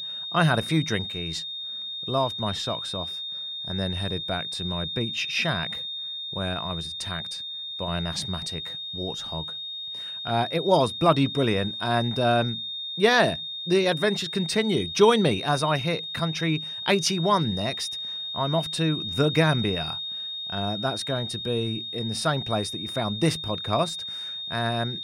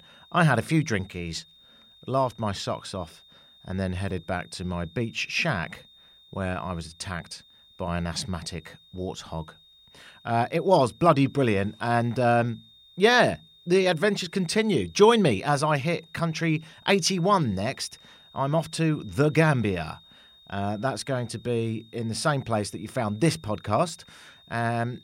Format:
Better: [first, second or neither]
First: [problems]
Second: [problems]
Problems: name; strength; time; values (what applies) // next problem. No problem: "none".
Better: second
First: high-pitched whine; loud; throughout; 3.5 kHz, 5 dB below the speech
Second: high-pitched whine; faint; throughout; 3.5 kHz, 25 dB below the speech